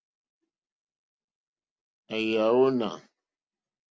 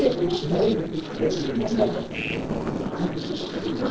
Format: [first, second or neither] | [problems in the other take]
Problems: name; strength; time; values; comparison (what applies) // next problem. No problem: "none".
first | noise reduction (neural separator model SepFormer DNS4)